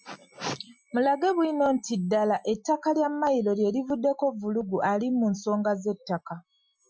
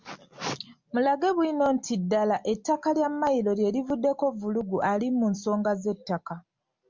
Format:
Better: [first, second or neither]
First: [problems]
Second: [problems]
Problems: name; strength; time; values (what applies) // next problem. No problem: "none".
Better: second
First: noise reduction (classical method Wiener filter)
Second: none